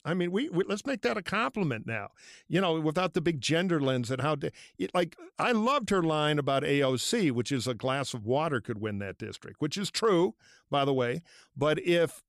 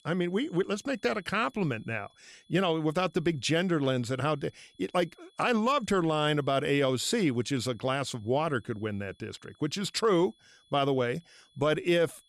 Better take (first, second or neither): first